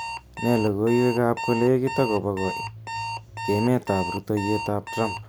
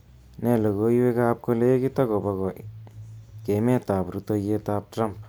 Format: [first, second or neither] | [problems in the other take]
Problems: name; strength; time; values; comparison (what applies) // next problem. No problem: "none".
second | background sound (Alarm); 9 dB below the speech